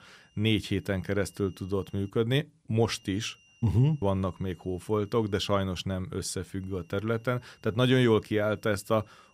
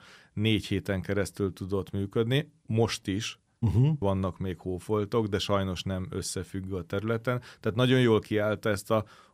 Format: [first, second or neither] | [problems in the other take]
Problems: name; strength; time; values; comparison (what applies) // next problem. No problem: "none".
second | high-pitched whine; faint; until 2 s, from 3 to 5.5 s and from 6.5 s on; 3 kHz, 35 dB below the speech